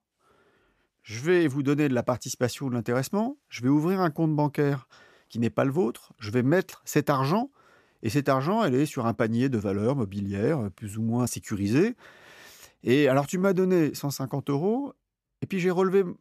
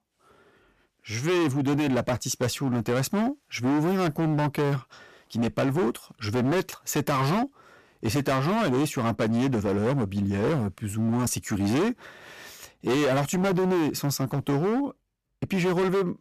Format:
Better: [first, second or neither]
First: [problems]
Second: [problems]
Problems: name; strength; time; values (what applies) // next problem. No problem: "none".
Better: first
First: none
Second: distortion; heavy; 21% of the sound clipped